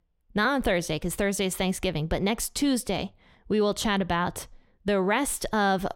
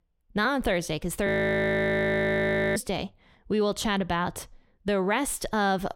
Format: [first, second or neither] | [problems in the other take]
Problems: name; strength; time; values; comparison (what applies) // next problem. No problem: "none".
first | audio freezing; at 1.5 s for 1.5 s